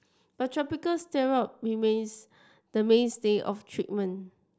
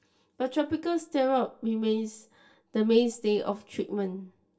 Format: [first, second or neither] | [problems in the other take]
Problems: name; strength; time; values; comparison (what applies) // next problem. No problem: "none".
first | room echo; dies away in 0.2 s